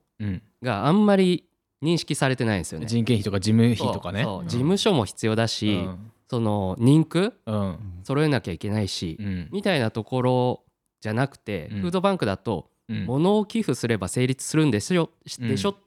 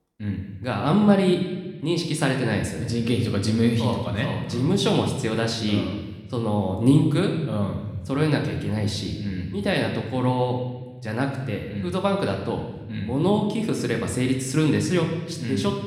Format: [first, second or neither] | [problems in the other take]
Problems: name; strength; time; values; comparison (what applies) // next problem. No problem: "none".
first | room echo; slight; dies away in 1.2 s